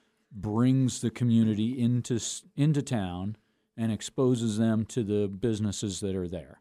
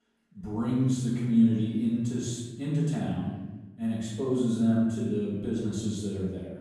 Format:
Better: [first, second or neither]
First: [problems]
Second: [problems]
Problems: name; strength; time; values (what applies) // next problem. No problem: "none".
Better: first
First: none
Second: off-mic speech; far // room echo; noticeable; dies away in 1.1 s